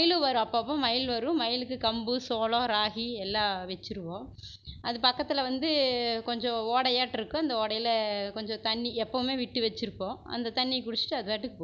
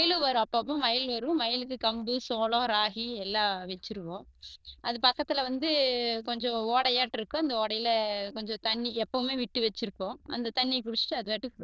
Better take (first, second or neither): first